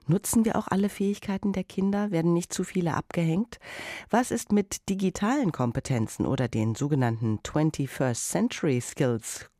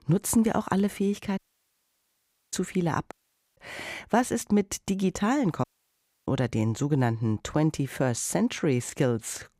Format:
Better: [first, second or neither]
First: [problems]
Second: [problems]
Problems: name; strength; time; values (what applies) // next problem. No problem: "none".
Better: first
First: none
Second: audio cutting out; at 1.5 s for 1 s, at 3 s and at 5.5 s for 0.5 s